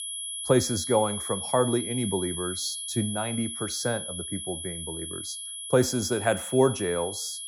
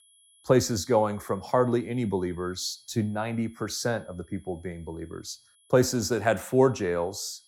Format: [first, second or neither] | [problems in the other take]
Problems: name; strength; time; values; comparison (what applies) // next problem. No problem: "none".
second | high-pitched whine; loud; throughout; 11 kHz, 6 dB below the speech; faint in the second